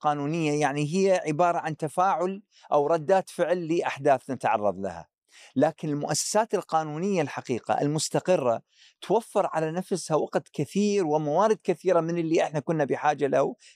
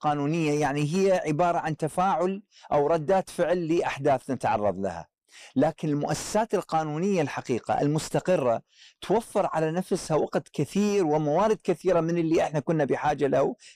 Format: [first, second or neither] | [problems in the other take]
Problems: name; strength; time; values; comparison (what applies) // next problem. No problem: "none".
first | distortion; slight; 10 dB below the speech